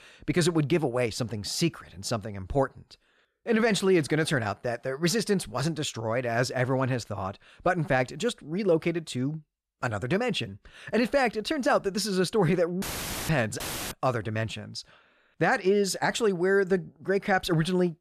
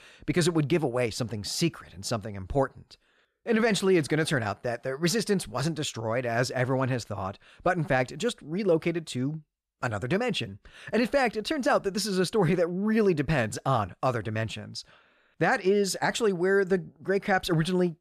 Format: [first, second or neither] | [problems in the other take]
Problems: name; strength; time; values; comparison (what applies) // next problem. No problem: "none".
second | audio cutting out; filled with static; at 13 s and at 14 s